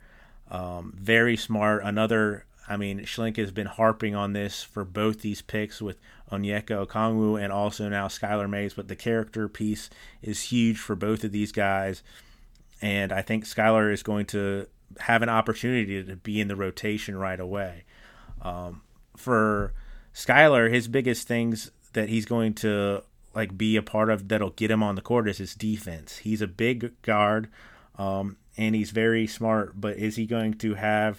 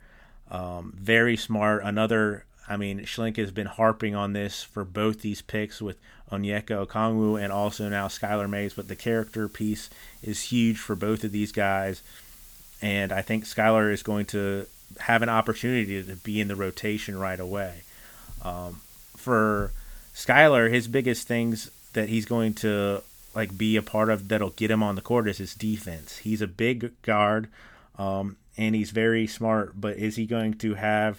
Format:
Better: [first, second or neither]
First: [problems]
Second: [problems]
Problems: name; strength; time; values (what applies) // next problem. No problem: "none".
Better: first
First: none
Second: hiss; faint; from 7.5 to 26 s; 20 dB below the speech